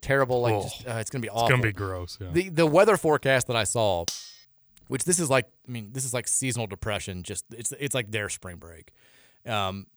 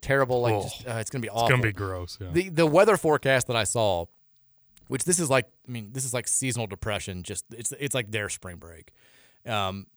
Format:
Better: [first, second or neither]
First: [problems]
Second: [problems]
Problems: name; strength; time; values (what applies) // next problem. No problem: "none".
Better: second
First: clattering dishes; noticeable; at 4 s; peak 7 dB below the speech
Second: none